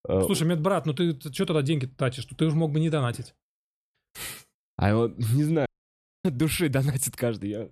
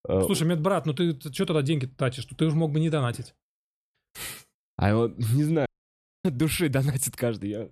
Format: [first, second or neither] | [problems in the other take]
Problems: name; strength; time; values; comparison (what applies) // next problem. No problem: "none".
neither | audio cutting out; at 5.5 s for 0.5 s; the same in both